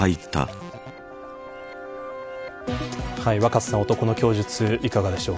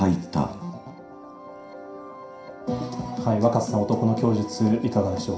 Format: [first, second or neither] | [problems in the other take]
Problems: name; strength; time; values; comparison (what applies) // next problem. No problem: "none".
first | room echo; dies away in 0.5 s